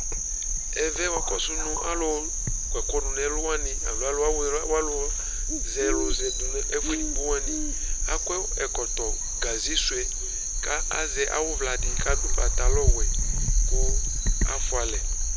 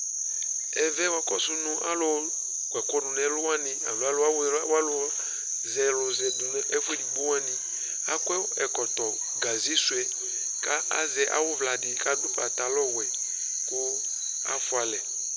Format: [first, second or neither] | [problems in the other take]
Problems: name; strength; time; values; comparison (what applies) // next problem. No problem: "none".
second | background sound (Bird); 1 dB above the speech